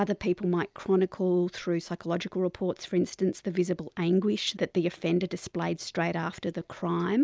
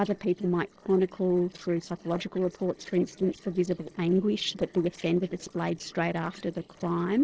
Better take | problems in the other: first | noise reduction (neural separator model SepFormer DNS4)

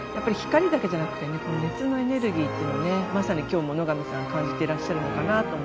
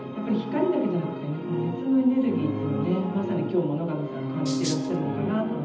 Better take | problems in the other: first | background sound (Rattle (instrument)); 13 dB below the speech // room echo; dies away in 0.8 s

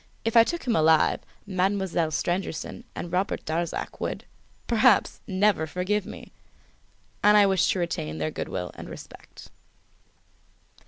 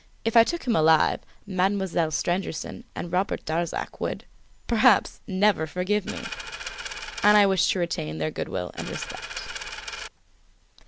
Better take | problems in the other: first | background sound (Coin (dropping)); 9 dB below the speech

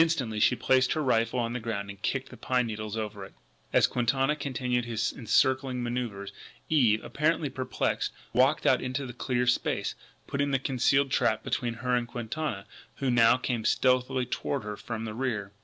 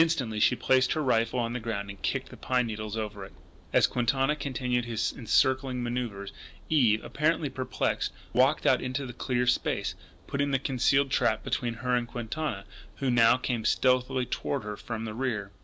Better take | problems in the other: first | background sound (Subway, metro, underground); 19 dB below the speech

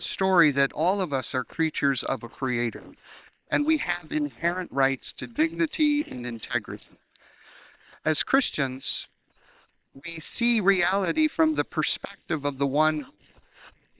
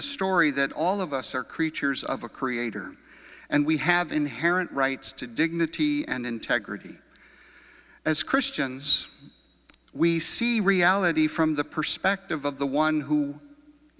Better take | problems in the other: second | noise reduction (neural separator model SepFormer WHAM!)

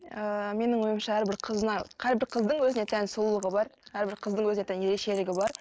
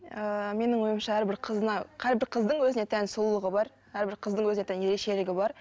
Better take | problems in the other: second | noise reduction (neural mask model Resemble Enhance denoiser)

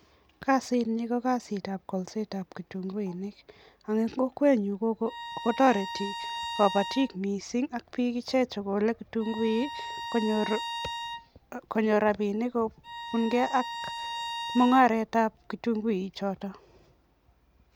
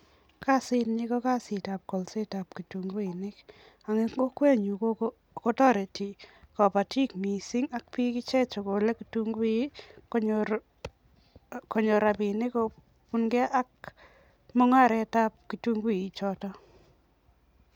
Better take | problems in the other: second | background sound (Bowed string instrument); 10 dB below the speech

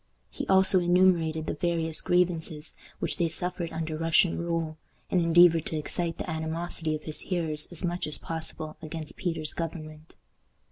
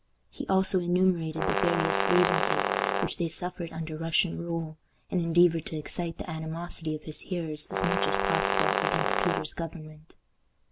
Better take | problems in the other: first | background sound (Brass instrument); 2 dB above the speech

